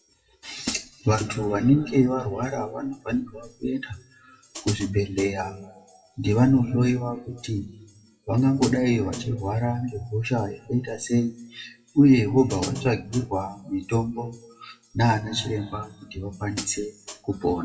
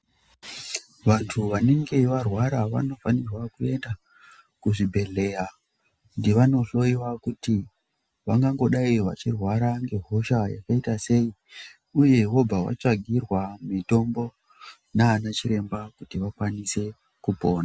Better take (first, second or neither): second